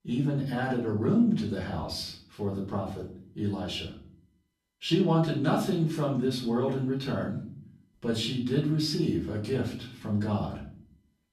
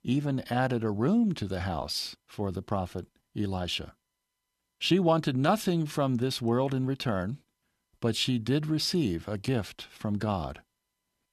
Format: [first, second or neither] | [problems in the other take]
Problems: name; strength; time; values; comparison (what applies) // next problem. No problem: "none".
second | off-mic speech; far // room echo; slight; dies away in 0.5 s